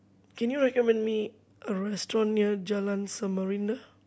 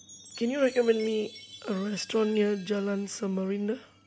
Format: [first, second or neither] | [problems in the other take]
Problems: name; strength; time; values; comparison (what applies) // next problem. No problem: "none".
first | background sound (Chime); 20 dB below the speech